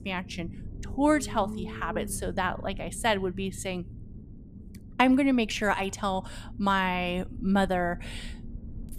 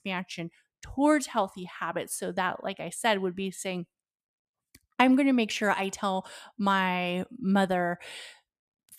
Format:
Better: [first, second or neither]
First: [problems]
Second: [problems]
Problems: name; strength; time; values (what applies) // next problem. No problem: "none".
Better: second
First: low rumble; faint; throughout; 20 dB below the speech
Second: none